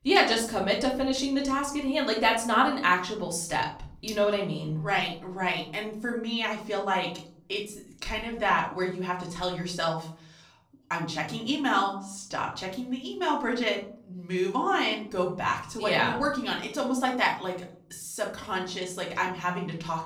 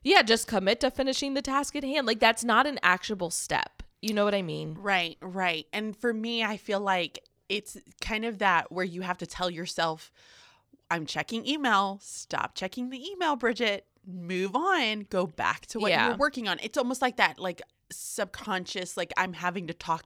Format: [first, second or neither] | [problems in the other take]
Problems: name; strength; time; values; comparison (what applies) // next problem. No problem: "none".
second | room echo; slight; dies away in 0.5 s // off-mic speech; far